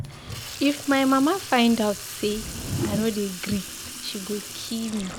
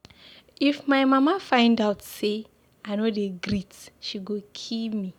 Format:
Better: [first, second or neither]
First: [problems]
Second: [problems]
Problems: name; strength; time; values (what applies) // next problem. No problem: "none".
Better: second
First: background sound (Whoosh, swoosh, swish + Sink (filling or washing) / Water tap, faucet); 9 dB below the speech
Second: none